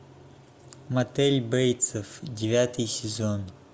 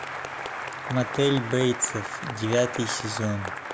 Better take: first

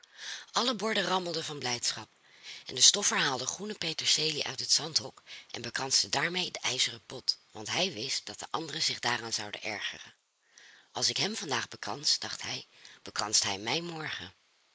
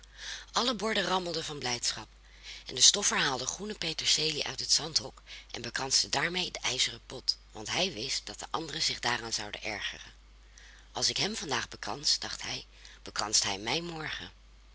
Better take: second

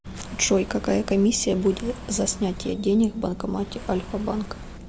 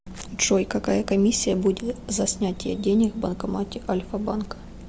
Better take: second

